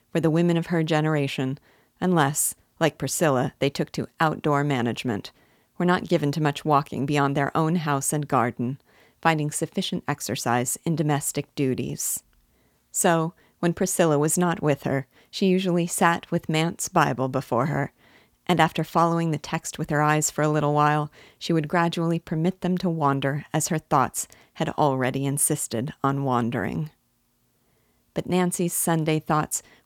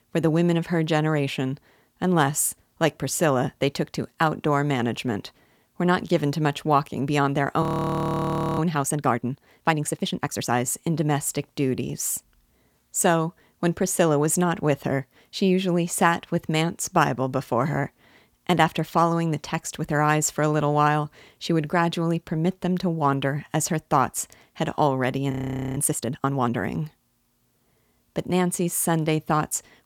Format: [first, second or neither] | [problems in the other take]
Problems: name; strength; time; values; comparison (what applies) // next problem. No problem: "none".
first | audio freezing; at 7.5 s for 1 s and at 25 s